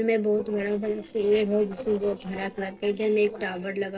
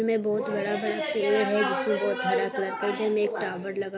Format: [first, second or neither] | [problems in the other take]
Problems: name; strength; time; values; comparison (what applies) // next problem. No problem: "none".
second | noise reduction (neural separator model SepFormer DNS4)